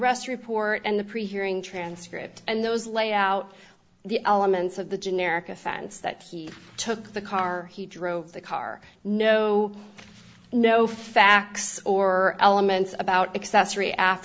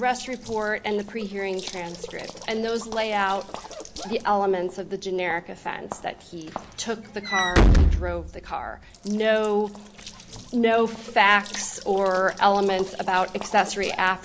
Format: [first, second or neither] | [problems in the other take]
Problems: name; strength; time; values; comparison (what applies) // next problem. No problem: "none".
first | background sound (Walk, footsteps / Slam); 4 dB below the speech